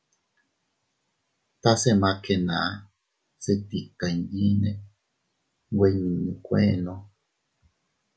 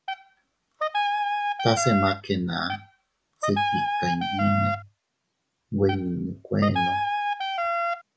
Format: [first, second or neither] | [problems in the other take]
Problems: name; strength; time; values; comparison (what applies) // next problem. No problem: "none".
first | background sound (Wind instrument, woodwind instrument); 1 dB above the speech